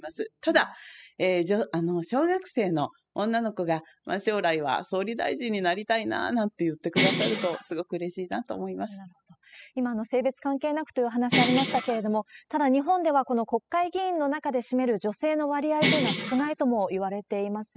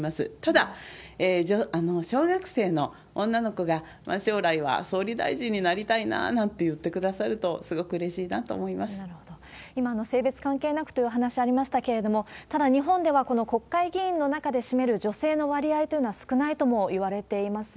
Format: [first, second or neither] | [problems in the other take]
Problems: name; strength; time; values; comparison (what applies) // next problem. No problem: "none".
second | noise reduction (classical method spectral subtraction)